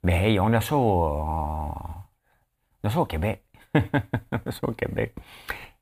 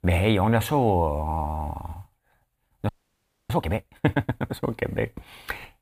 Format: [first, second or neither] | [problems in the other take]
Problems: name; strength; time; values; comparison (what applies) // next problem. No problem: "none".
first | audio freezing; at 3 s for 0.5 s